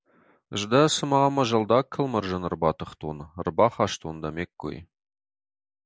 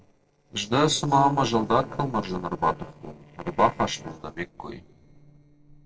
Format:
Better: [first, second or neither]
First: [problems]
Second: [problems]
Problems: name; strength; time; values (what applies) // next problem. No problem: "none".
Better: first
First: none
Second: noise reduction (neural separator model SepFormer DNS4)